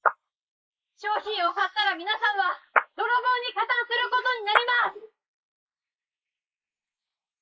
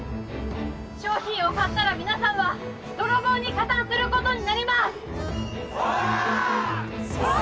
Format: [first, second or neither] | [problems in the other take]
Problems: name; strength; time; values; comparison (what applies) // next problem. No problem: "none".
second | noise reduction (neural mask model Resemble Enhance denoiser)